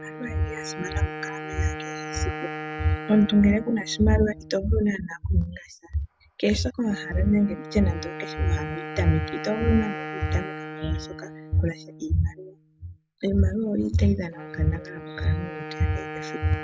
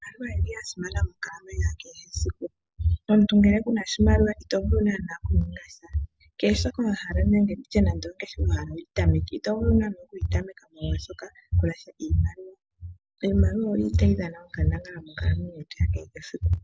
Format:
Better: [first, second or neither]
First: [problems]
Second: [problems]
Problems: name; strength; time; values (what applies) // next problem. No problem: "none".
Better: second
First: background sound (Wind instrument, woodwind instrument); 12 dB below the speech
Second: none